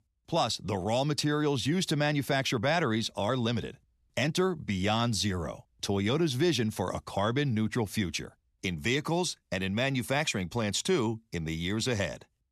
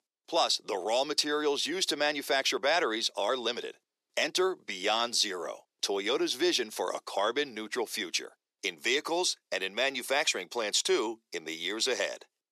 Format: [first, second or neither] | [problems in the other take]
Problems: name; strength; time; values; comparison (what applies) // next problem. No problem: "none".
first | thin; very; fading below 400 Hz